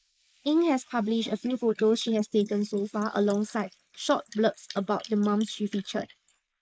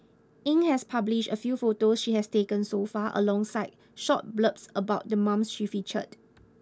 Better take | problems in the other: second | noise reduction (neural mask model Resemble Enhance denoiser)

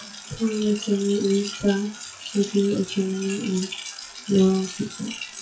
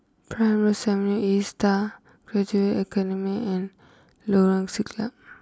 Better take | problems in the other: second | noise reduction (classical method WPE with log-MMSE)

